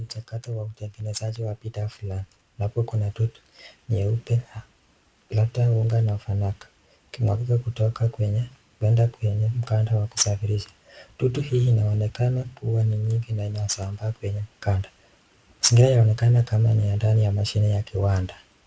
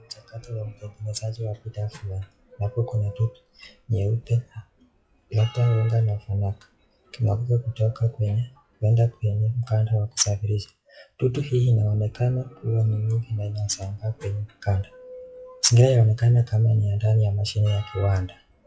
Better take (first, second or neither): first